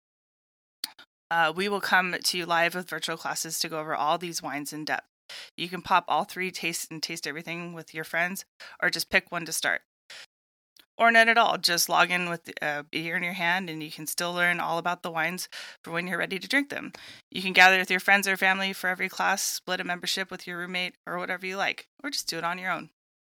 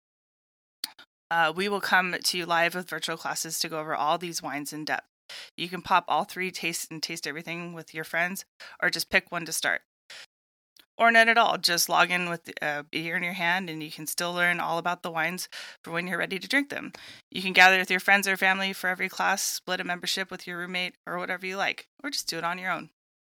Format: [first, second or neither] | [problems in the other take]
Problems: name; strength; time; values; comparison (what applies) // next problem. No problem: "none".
neither | thin; somewhat; fading below 500 Hz; the same in both